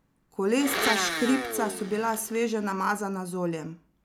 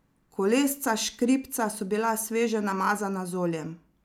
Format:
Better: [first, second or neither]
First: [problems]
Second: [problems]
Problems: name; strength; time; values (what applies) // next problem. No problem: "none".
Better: second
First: background sound (Domestic sounds, home sounds); 4 dB below the speech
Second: none